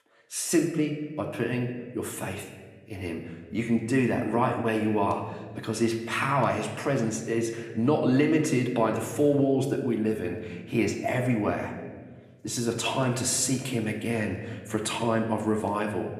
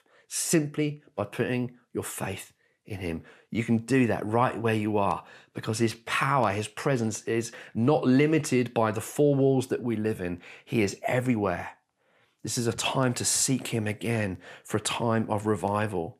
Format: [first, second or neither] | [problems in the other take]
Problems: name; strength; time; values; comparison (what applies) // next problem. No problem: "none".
second | room echo; slight; dies away in 1.1 s // off-mic speech; somewhat distant